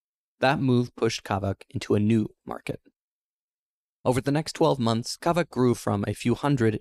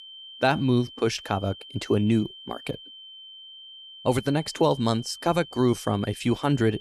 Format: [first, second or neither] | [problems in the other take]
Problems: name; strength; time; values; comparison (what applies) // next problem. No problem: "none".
first | high-pitched whine; noticeable; throughout; 3 kHz, 15 dB below the speech